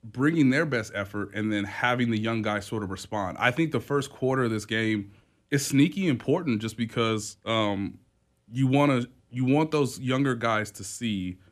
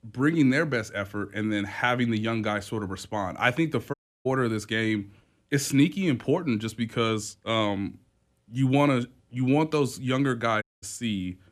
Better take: first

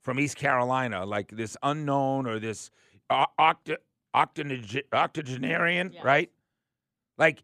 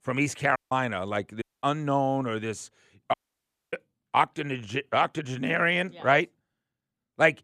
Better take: first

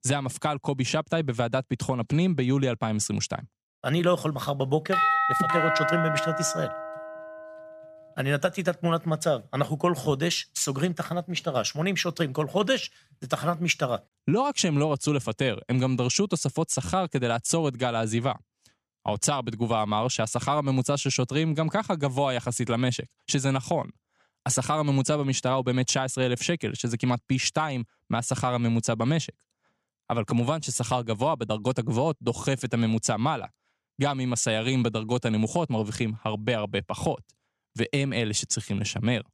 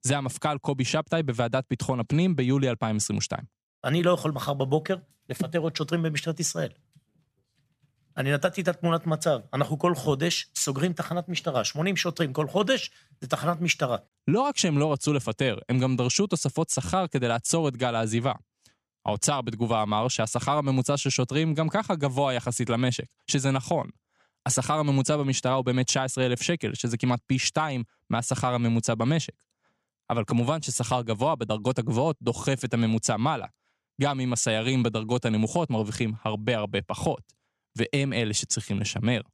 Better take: second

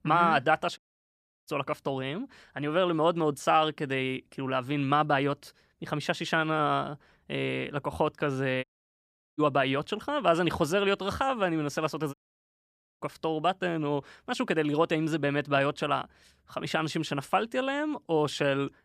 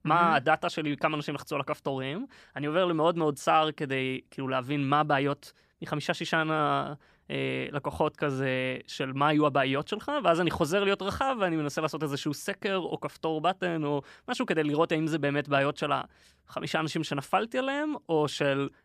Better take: second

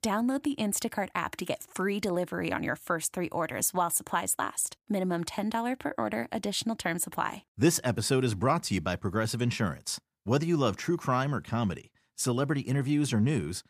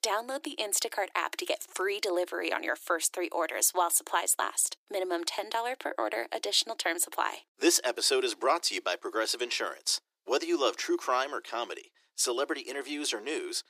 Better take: first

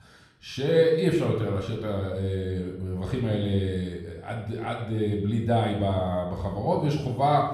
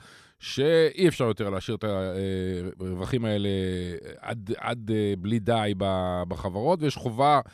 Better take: second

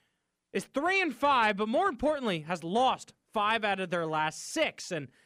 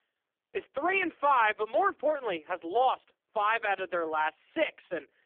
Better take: first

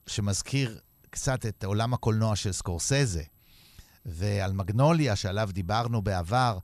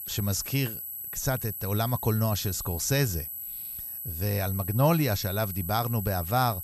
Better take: first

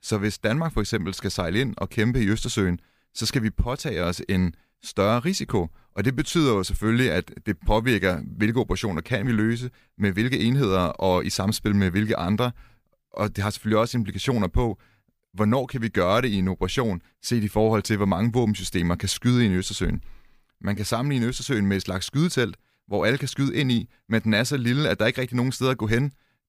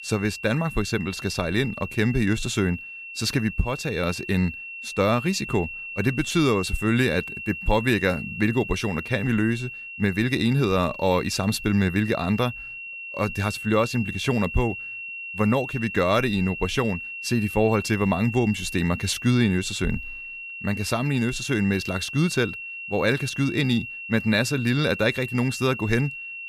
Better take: first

